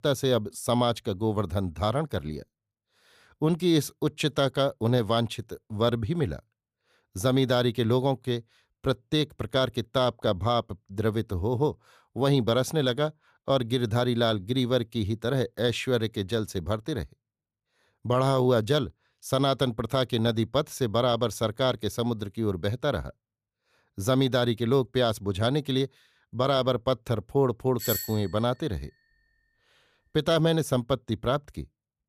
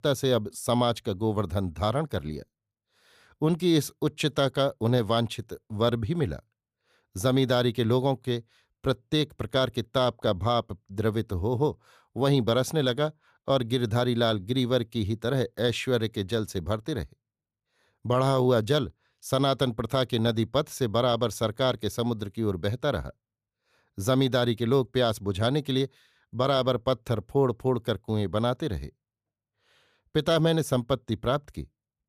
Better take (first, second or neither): second